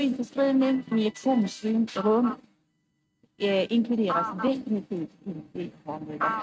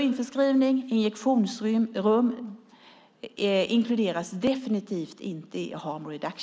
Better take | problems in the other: second | noise reduction (neural mask model RNNoise)

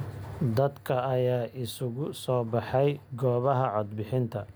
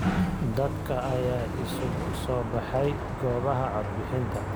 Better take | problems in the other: first | background sound (Sliding door); 1 dB below the speech

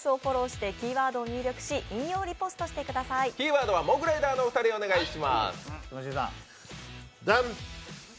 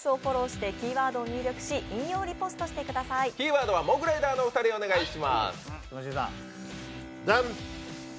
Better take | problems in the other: first | background sound (Bowed string instrument); 16 dB below the speech

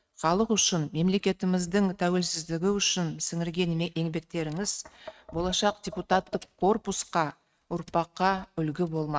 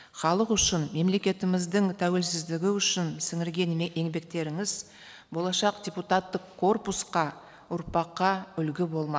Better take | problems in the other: second | noise reduction (neural mask model RNNoise)

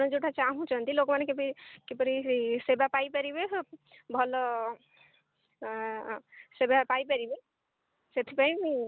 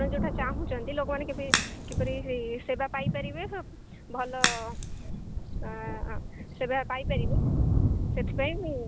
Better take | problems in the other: first | background sound (Crack + Thunder); 4 dB above the speech

